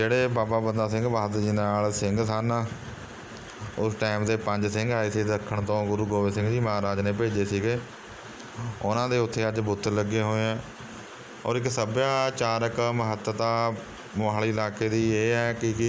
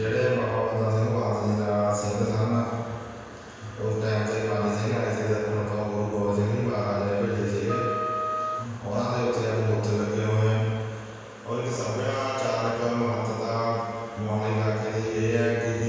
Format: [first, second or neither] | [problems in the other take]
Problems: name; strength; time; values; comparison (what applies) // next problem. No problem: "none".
first | background sound (Wind instrument, woodwind instrument); 6 dB below the speech // room echo; dies away in 1.9 s